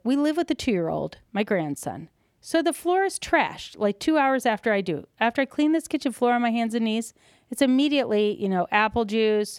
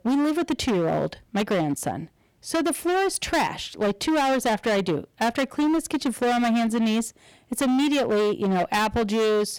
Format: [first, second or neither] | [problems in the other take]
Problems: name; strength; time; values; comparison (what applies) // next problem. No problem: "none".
first | distortion; heavy; 24% of the sound clipped